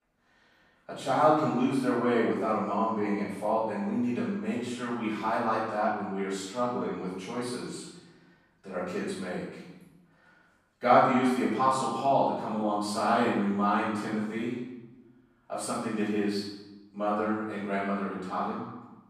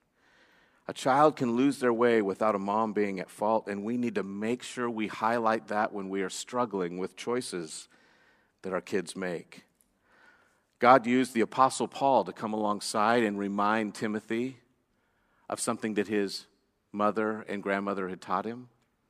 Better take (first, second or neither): second